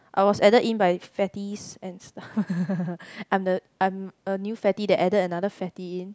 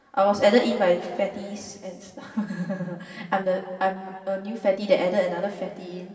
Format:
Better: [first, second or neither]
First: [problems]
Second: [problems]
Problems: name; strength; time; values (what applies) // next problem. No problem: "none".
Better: first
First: none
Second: room echo; dies away in 2.2 s